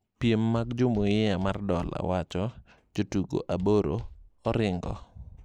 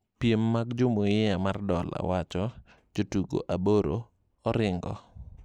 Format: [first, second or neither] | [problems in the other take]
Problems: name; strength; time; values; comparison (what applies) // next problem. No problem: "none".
second | background sound (Walk, footsteps); 16 dB below the speech